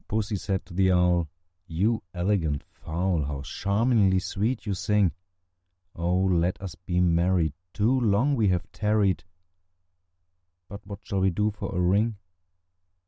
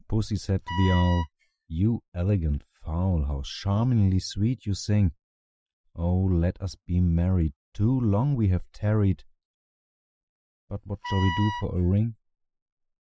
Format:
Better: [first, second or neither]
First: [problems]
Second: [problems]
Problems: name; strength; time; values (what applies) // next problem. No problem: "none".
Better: first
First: none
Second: noise reduction (classical method Wiener filter)